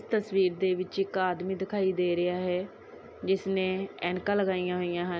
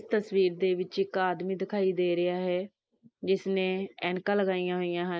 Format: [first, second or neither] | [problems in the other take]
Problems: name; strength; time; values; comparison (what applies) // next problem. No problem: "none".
first | noise reduction (neural mask model Resemble Enhance denoiser)